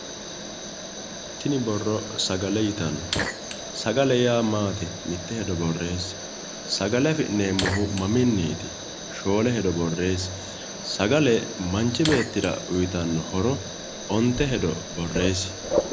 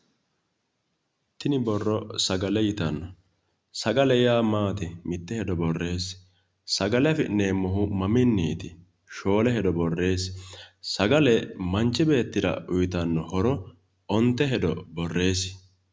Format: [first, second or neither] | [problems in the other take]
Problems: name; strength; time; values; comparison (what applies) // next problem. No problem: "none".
second | background sound (Fire + Mechanisms); 8 dB below the speech